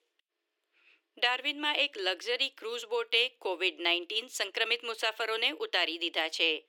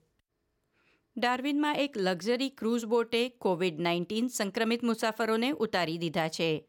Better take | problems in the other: second | thin; very; fading below 300 Hz

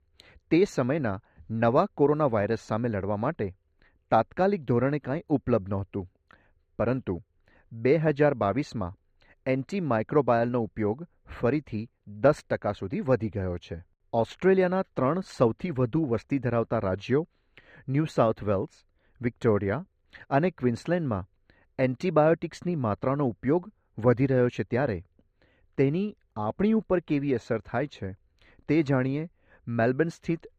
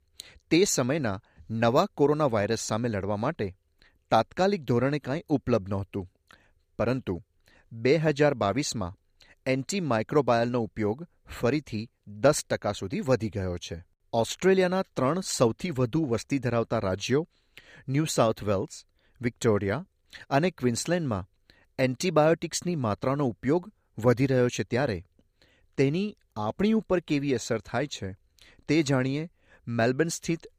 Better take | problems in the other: second | muffled; very; fading above 4 kHz

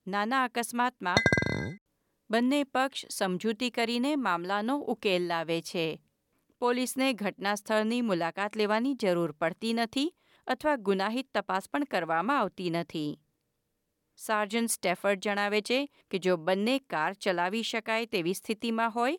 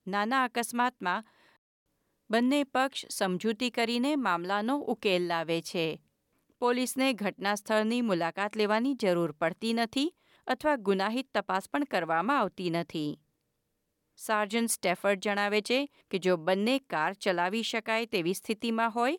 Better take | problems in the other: second | clattering dishes; loud; at 1 s; peak 5 dB above the speech

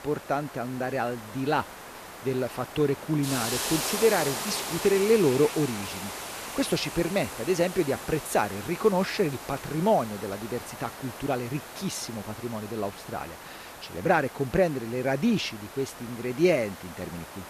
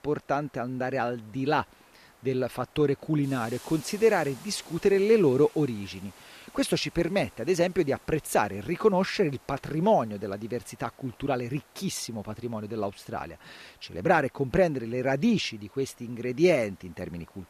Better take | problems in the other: second | hiss; loud; throughout; 9 dB below the speech; faint in the second

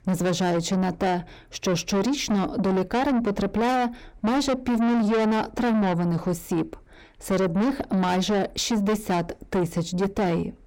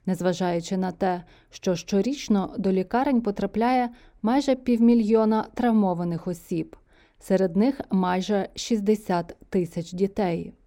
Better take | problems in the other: second | distortion; heavy; 6 dB below the speech

